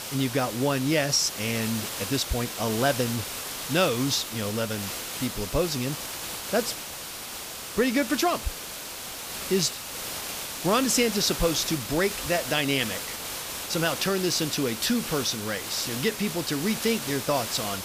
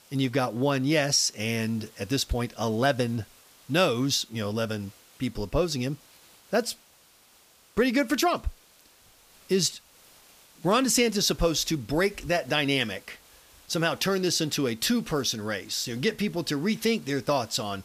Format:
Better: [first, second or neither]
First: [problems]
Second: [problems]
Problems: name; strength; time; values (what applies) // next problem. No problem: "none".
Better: second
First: hiss; loud; throughout; 6 dB below the speech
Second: hiss; faint; throughout; 25 dB below the speech